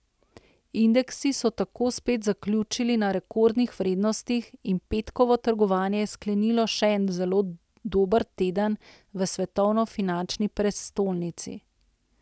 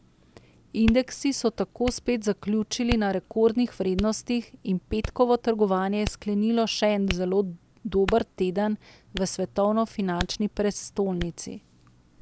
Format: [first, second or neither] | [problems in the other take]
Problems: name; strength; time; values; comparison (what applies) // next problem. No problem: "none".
first | background sound (Hands); 13 dB below the speech